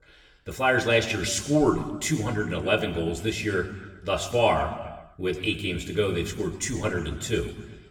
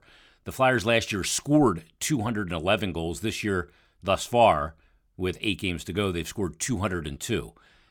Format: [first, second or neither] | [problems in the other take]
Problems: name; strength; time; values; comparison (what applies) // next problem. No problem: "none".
second | room echo; slight; dies away in 1 s // off-mic speech; somewhat distant